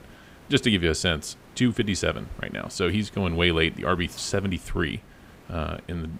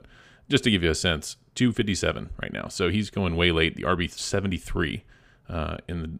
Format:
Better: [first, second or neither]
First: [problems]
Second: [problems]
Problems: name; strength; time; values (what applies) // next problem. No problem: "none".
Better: second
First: hiss; faint; throughout; 25 dB below the speech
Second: none